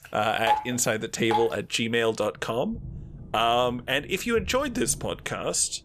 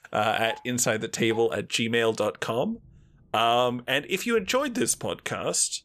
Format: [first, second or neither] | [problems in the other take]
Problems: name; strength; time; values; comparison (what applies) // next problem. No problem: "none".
second | rain or running water; loud; throughout; 7 dB below the speech; faint in the second